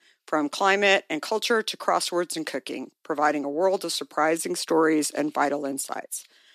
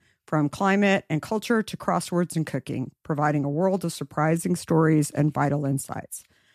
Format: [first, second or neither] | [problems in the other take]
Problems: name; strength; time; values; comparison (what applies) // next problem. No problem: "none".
second | thin; somewhat; fading below 300 Hz